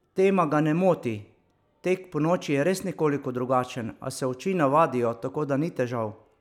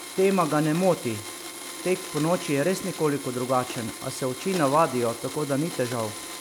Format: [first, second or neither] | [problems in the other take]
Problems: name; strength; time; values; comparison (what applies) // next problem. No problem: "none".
first | background sound (Domestic sounds, home sounds); 11 dB below the speech